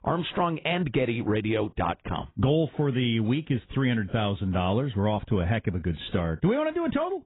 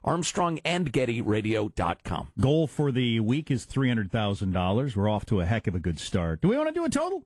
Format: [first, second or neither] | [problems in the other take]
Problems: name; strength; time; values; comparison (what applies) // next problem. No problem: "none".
second | garbled, watery; badly; nothing above 3.5 kHz; slightly in the second